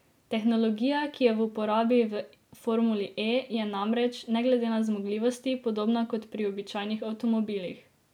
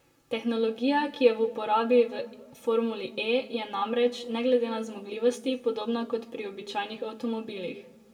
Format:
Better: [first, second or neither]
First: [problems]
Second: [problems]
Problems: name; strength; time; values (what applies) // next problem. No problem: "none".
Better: first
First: none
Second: room echo; dies away in 1.3 s